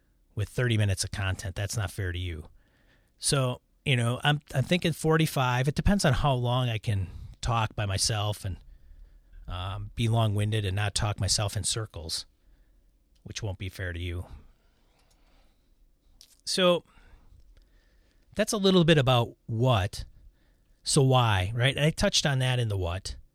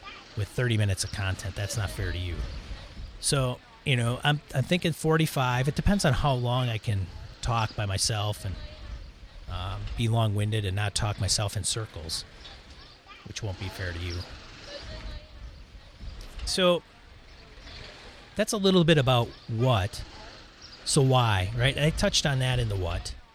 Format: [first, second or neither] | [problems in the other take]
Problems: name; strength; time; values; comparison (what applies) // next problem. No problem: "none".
first | wind noise on the microphone; occasional gusts; 20 dB below the speech